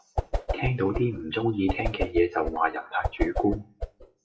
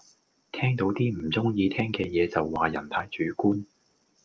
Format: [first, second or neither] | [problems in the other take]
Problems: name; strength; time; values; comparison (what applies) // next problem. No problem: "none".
second | noise reduction (classical method WPE with log-MMSE)